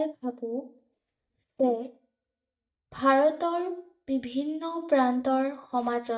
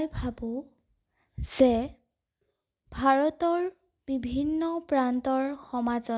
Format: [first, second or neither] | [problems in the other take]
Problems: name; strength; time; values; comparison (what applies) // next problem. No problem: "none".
second | noise reduction (neural mask model DeepFilterNet 3)